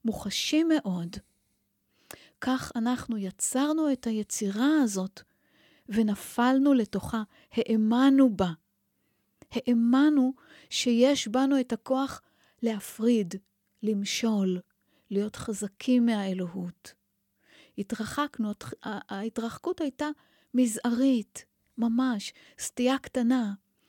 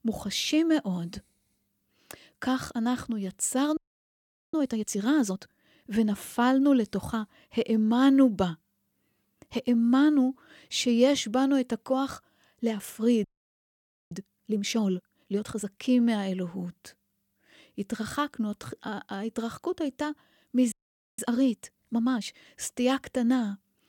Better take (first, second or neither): first